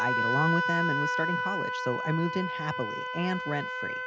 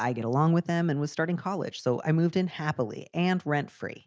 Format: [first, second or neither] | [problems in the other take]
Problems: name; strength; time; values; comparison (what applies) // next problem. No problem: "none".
second | background sound (Wind instrument, woodwind instrument); 1 dB above the speech